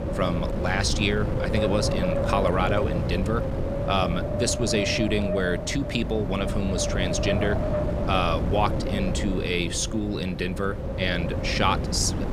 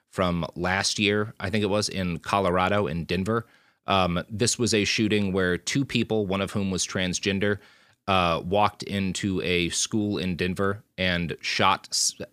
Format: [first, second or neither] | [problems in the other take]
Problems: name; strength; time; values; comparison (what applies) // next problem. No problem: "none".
second | wind noise on the microphone; heavy; 4 dB below the speech